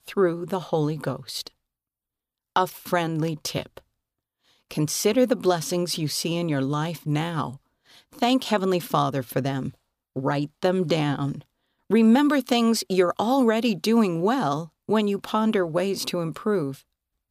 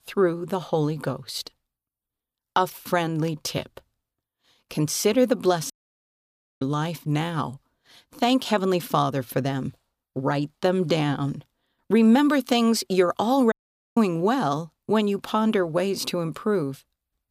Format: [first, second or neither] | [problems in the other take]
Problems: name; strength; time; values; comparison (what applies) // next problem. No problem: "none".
first | audio cutting out; at 5.5 s for 1 s and at 14 s